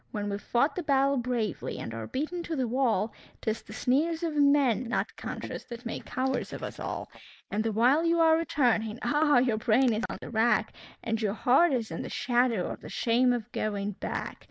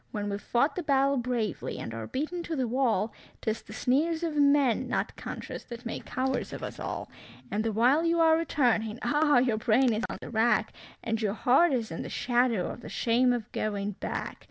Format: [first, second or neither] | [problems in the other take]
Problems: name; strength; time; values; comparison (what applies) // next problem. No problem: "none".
second | noise reduction (neural mask model Resemble Enhance denoiser)